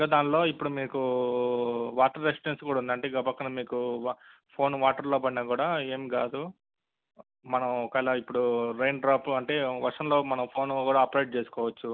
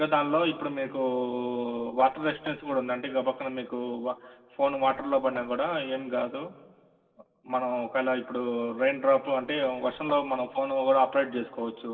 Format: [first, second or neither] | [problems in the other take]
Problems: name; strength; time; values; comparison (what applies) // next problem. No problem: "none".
first | noise reduction (neural separator model SepFormer DNS4)